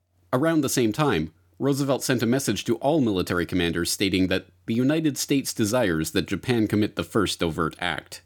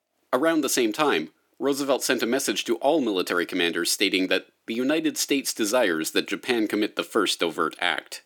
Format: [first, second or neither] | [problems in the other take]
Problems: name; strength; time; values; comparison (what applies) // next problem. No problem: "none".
first | thin; very slightly; fading below 300 Hz